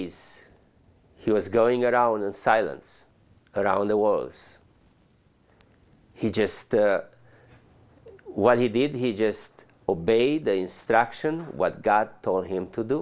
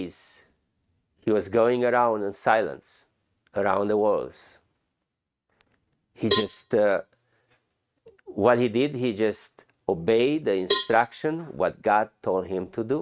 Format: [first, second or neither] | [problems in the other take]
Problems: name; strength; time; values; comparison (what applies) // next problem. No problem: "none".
first | noise reduction (neural mask model RNNoise)